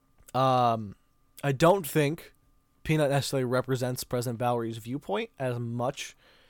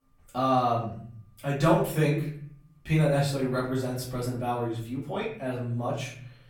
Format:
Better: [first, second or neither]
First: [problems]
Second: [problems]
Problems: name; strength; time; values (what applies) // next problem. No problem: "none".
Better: first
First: none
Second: room echo; slight; dies away in 0.6 s // off-mic speech; far